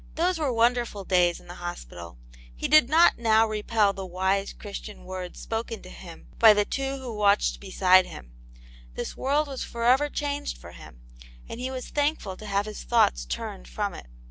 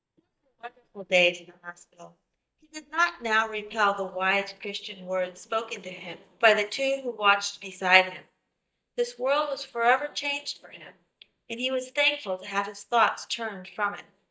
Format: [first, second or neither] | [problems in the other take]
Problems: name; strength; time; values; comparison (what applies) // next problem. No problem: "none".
first | noise reduction (neural mask model DeepFilterNet 3)